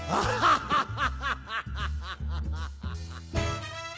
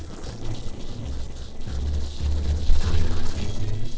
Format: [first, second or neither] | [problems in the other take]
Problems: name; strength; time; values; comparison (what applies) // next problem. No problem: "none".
first | noise reduction (neural separator model SepFormer DNS4)